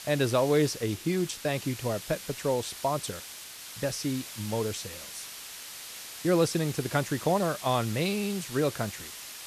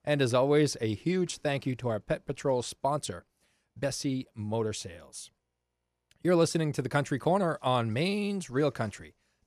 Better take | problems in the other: second | hiss; noticeable; throughout; 10 dB below the speech

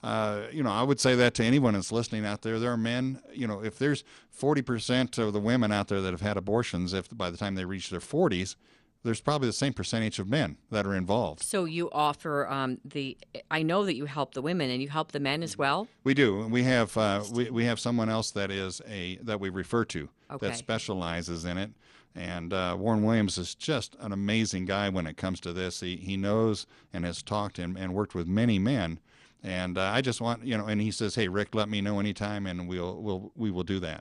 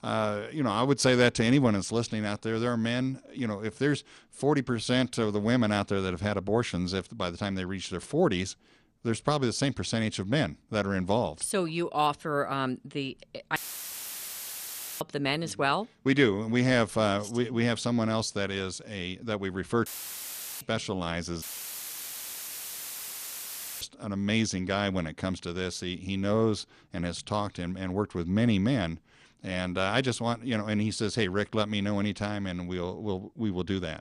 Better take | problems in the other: first | audio cutting out; filled with static; at 14 s for 1.5 s, at 20 s for 1 s and at 21 s for 2.5 s

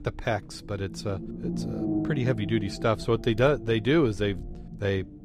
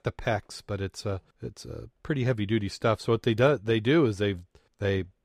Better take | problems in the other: second | low rumble; noticeable; throughout; 10 dB below the speech

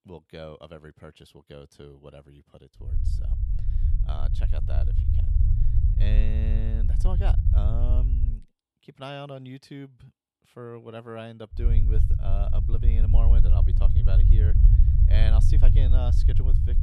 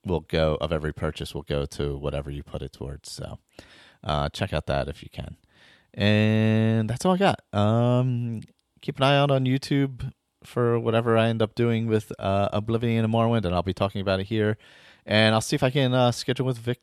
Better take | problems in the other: second | low rumble; loud; from 3 to 8.5 s and from 12 s on; 1 dB below the speech

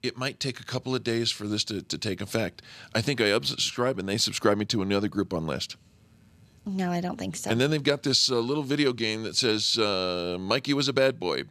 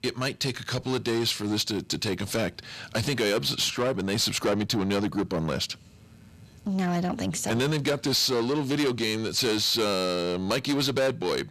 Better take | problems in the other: first | distortion; heavy; 8 dB below the speech

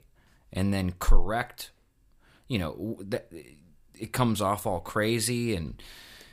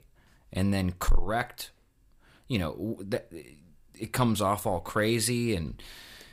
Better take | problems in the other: first | distortion; slight; 10 dB below the speech

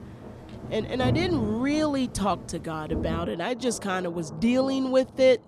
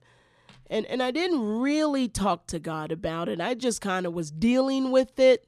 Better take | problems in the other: second | rain or running water; loud; throughout; 9 dB below the speech

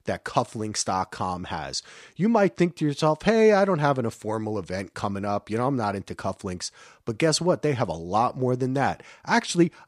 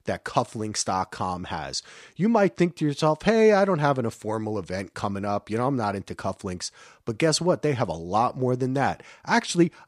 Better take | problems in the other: neither | none

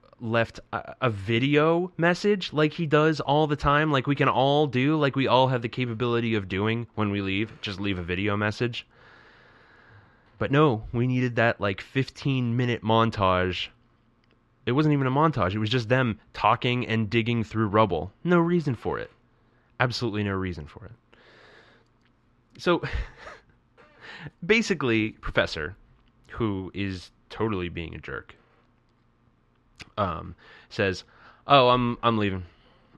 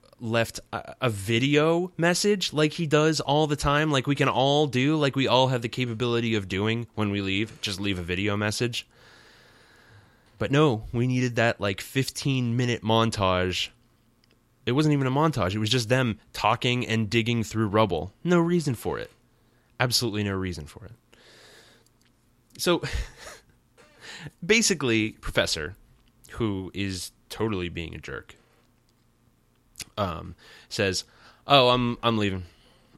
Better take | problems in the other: second | muffled; slightly; fading above 3 kHz

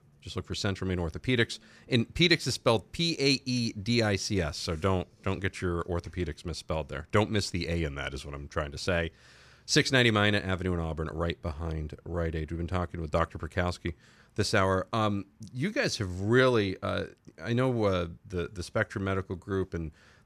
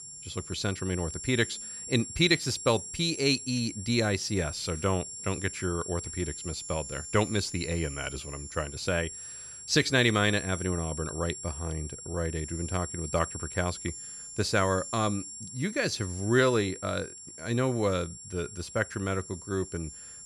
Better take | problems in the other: first | high-pitched whine; loud; throughout; 7.5 kHz, 9 dB below the speech

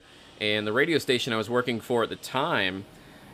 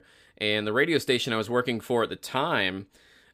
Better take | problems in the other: second | rain or running water; faint; throughout; 25 dB below the speech

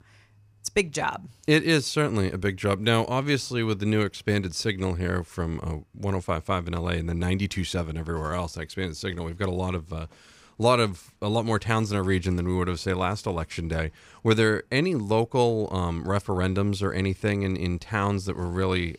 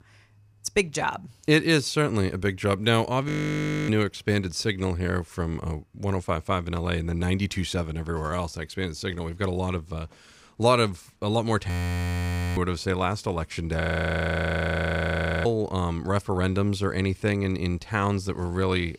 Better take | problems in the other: first | audio freezing; at 3.5 s for 0.5 s, at 12 s for 1 s and at 14 s for 1.5 s

